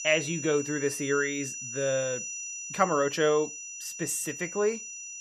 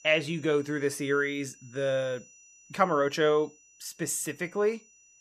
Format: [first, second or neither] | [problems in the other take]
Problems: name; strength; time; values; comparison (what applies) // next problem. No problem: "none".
second | high-pitched whine; loud; throughout; 6 kHz, 7 dB below the speech; faint in the second